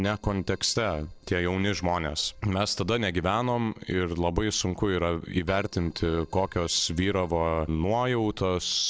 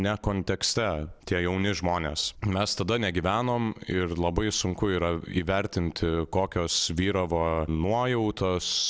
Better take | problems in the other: second | noise reduction (neural separator model SepFormer DNS4)

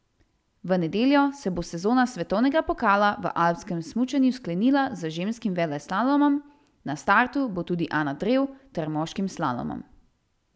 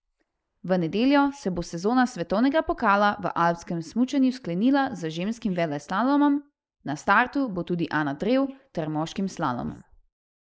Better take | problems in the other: first | noise reduction (neural mask model Resemble Enhance denoiser)

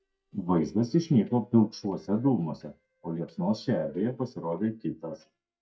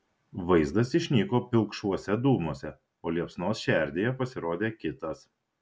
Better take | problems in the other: second | noise reduction (neural mask model DeepFilterNet 3)

